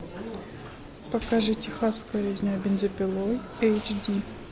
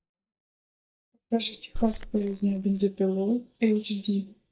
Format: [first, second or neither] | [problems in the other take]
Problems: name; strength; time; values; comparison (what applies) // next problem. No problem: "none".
first | noise reduction (neural mask model DeepFilterNet 3)